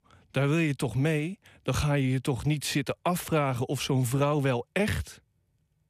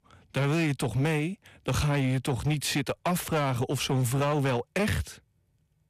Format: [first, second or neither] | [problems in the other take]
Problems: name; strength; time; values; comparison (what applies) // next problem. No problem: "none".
first | distortion; slight; 11% of the sound clipped